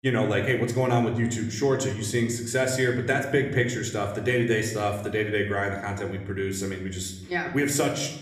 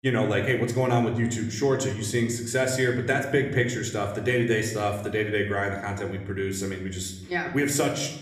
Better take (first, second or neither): neither